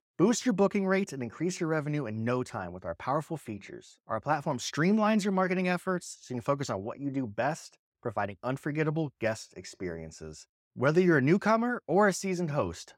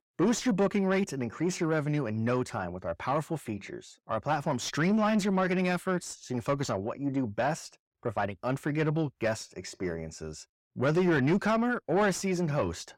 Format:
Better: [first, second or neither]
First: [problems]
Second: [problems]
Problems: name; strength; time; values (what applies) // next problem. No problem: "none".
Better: first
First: none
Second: distortion; slight; 10 dB below the speech